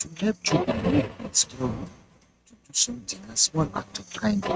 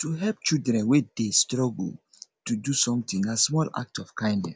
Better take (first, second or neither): second